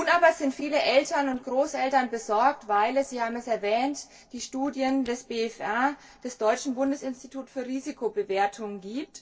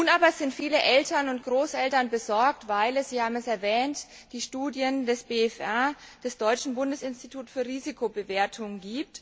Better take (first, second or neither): second